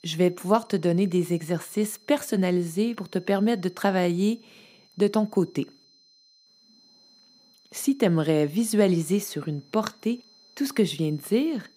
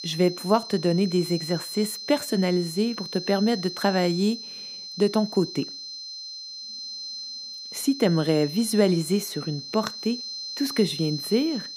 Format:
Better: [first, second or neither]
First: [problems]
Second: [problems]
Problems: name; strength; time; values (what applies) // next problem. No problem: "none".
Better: first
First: high-pitched whine; faint; throughout; 4 kHz, 30 dB below the speech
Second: high-pitched whine; loud; throughout; 4 kHz, 9 dB below the speech